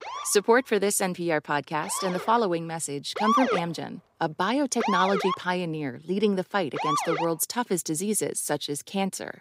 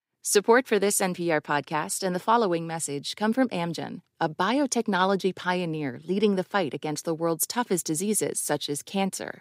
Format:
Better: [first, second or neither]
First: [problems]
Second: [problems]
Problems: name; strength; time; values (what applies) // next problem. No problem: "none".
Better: second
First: siren; loud; until 7.5 s; peak 3 dB above the speech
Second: none